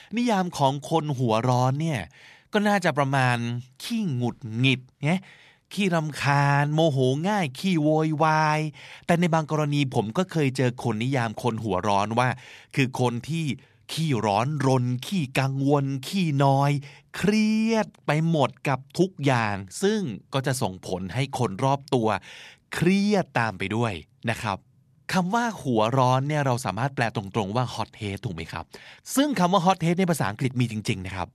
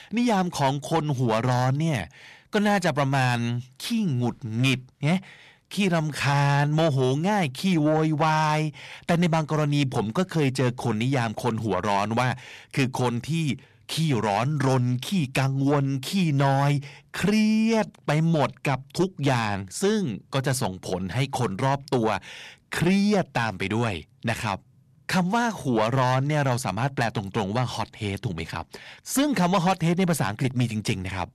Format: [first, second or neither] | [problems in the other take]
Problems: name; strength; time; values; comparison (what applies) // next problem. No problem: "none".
first | distortion; slight; 10 dB below the speech